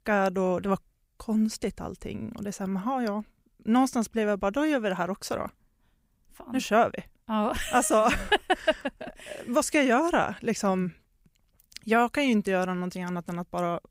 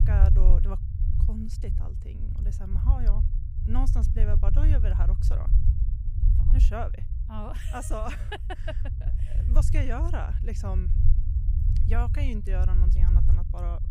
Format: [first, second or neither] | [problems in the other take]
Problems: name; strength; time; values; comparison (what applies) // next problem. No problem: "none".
first | low rumble; loud; throughout; 6 dB below the speech